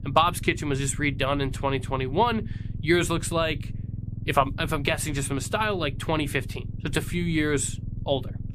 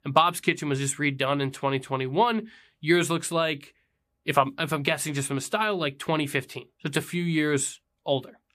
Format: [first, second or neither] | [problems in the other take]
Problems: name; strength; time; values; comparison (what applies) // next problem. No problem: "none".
second | low rumble; faint; throughout; 20 dB below the speech